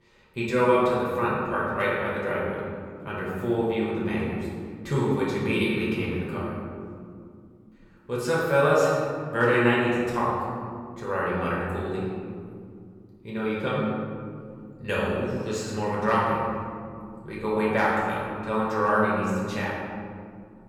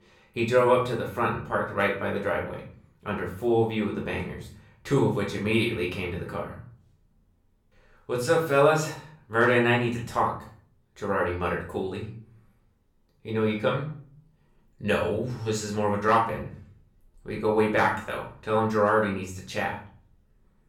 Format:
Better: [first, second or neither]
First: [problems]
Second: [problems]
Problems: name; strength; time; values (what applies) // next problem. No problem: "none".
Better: second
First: room echo; strong; dies away in 2.4 s // off-mic speech; far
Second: room echo; slight; dies away in 0.4 s // off-mic speech; far